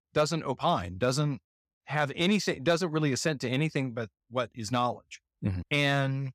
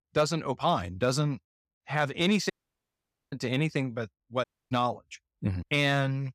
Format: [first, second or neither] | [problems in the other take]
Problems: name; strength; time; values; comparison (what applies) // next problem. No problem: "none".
first | audio cutting out; at 2.5 s for 1 s and at 4.5 s